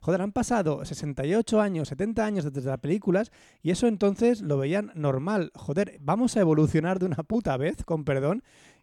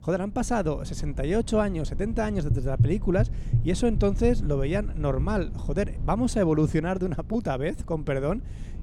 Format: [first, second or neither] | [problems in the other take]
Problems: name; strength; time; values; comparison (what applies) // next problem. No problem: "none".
first | low rumble; noticeable; throughout; 15 dB below the speech